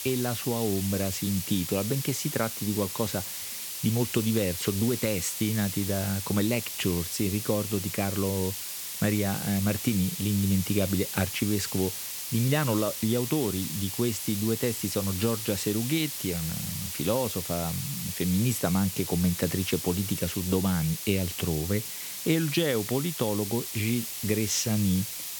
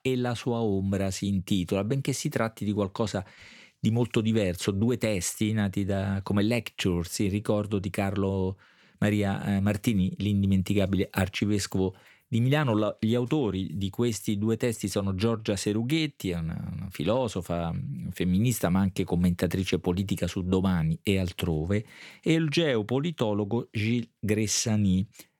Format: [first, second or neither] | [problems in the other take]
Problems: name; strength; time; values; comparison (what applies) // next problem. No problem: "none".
second | hiss; loud; throughout; 4 dB below the speech